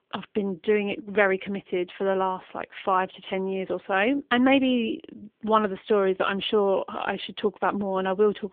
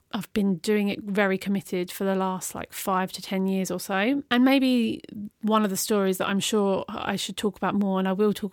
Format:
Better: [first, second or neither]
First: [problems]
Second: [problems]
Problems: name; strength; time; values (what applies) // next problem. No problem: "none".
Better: second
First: phone-call audio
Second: none